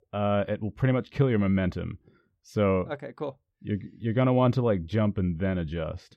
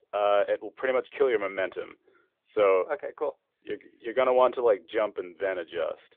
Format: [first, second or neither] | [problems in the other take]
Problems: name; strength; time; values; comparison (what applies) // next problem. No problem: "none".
first | phone-call audio